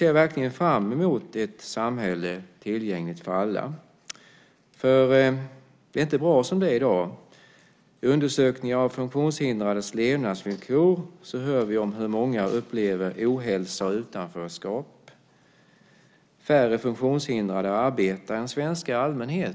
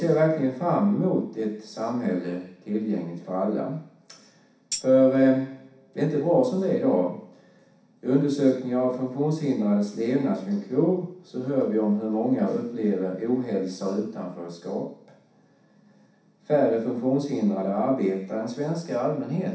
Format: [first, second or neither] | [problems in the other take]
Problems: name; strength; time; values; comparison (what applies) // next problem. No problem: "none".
first | background sound (Tambourine); 12 dB below the speech // room echo; dies away in 0.7 s